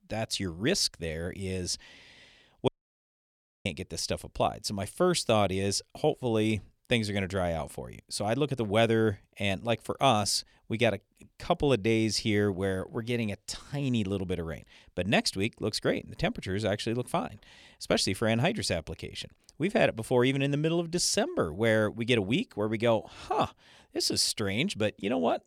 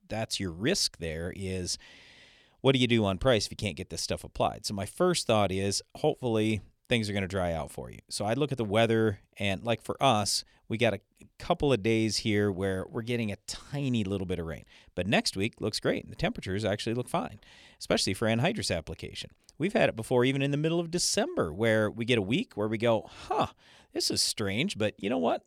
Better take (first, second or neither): second